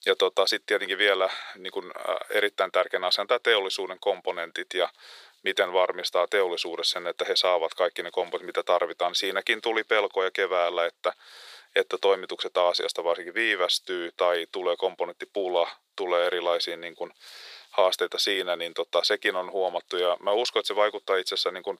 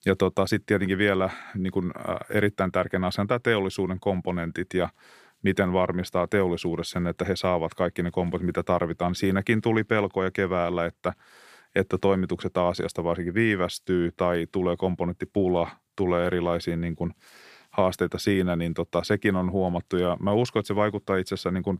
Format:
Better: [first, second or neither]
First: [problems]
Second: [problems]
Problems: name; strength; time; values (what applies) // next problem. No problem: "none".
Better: second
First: thin; very; fading below 450 Hz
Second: none